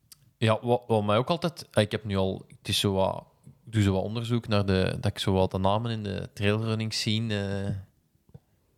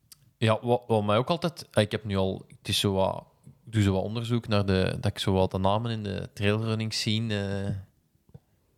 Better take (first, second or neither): neither